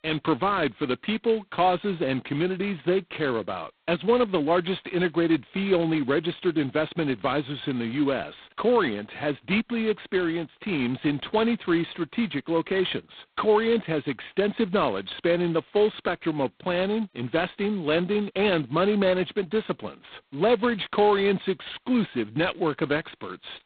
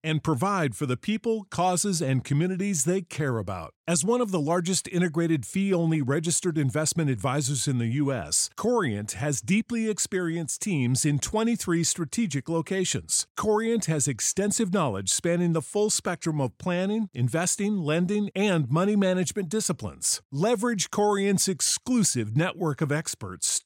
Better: second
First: phone-call audio; poor line; nothing above 4 kHz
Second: none

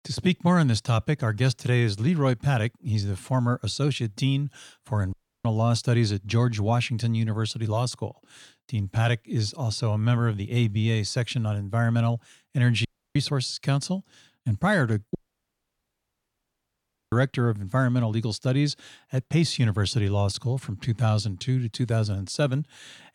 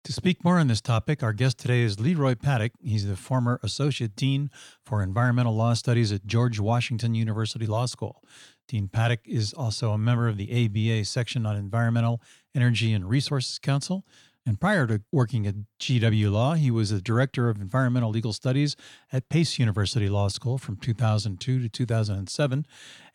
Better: second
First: audio cutting out; at 5 s, at 13 s and at 15 s for 2 s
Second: none

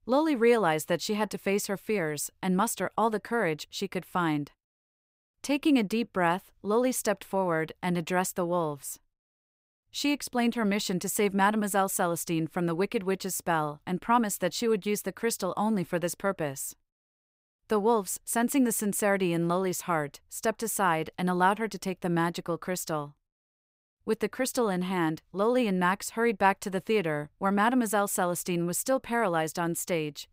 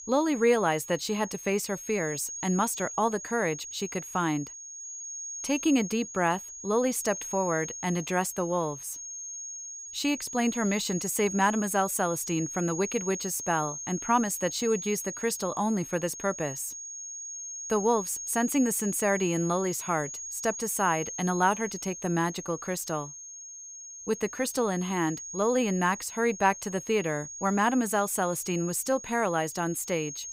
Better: first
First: none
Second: high-pitched whine; loud; throughout; 6.5 kHz, 8 dB below the speech

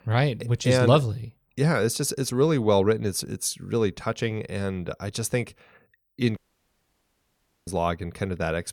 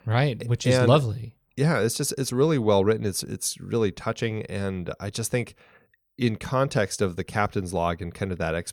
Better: second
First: audio cutting out; at 6.5 s for 1.5 s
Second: none

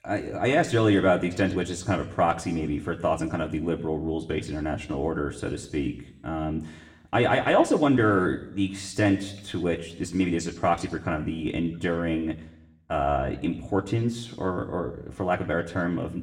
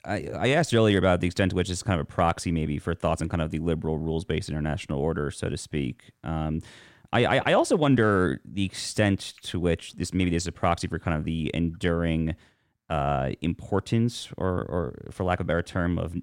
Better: second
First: room echo; very slight; dies away in 0.7 s // off-mic speech; somewhat distant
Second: none

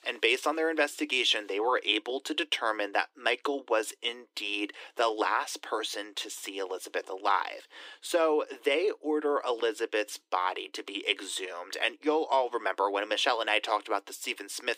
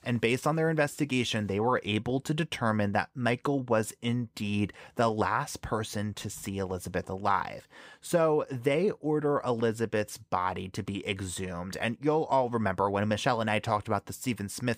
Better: second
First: thin; very; fading below 300 Hz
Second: none

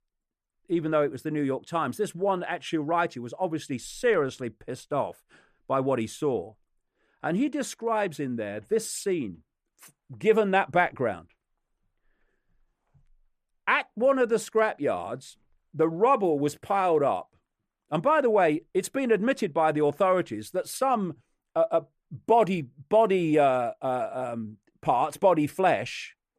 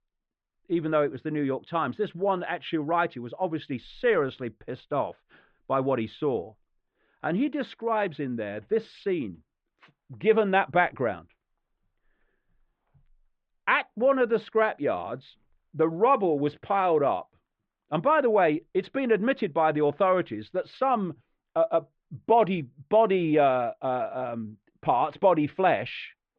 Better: first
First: none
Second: muffled; very; fading above 3.5 kHz

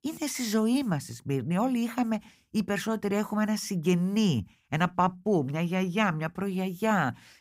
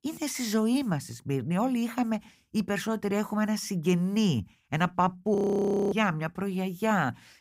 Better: first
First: none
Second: audio freezing; at 5.5 s for 0.5 s

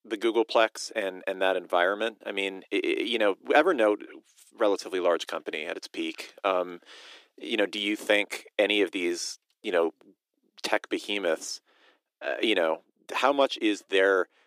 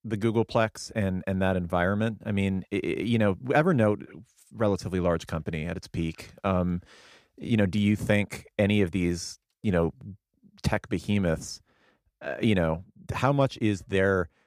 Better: second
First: thin; very; fading below 300 Hz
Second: none

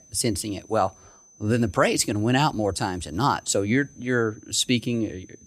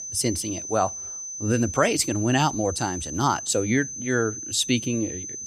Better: first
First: high-pitched whine; faint; throughout; 6 kHz, 25 dB below the speech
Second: high-pitched whine; loud; throughout; 6 kHz, 7 dB below the speech

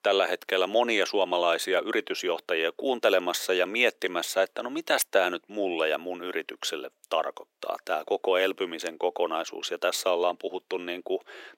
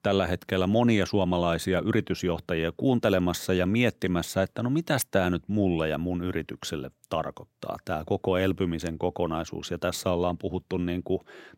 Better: second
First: thin; very; fading below 400 Hz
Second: none

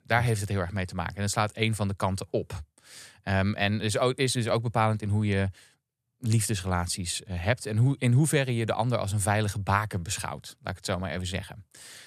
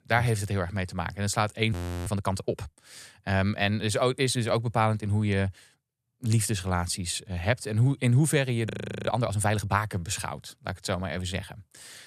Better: first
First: none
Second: audio freezing; at 1.5 s and at 8.5 s

